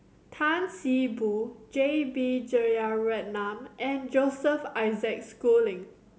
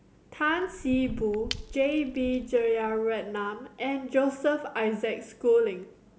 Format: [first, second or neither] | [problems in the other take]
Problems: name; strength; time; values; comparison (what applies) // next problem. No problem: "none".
first | background sound (Shatter / Crushing); 13 dB below the speech